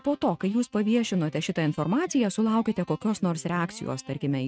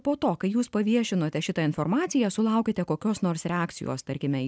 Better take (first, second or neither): second